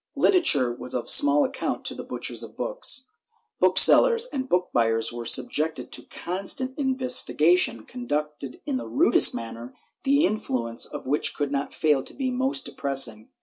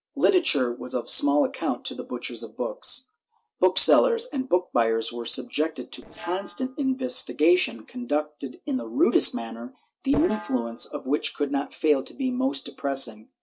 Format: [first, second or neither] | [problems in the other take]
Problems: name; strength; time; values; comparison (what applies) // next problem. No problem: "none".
first | noise reduction (neural separator model SepFormer DNS4)